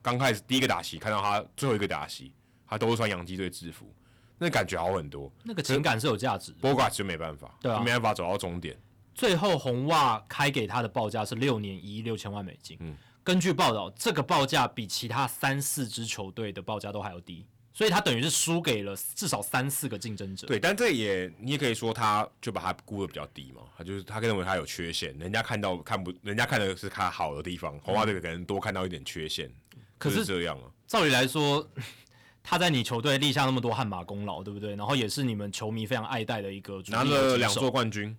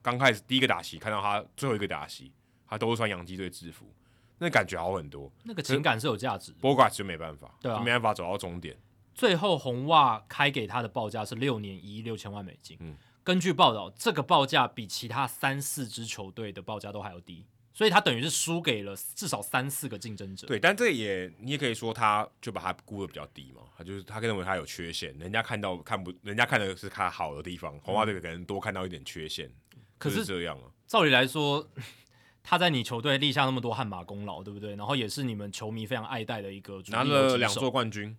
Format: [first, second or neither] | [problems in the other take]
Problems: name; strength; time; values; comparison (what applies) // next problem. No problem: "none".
second | distortion; heavy; 5% of the sound clipped